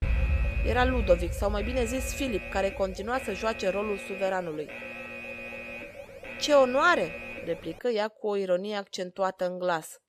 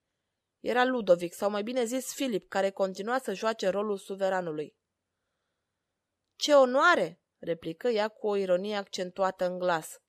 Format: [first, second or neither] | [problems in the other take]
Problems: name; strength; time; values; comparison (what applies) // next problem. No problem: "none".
second | alarm; loud; until 7.5 s; peak 1 dB above the speech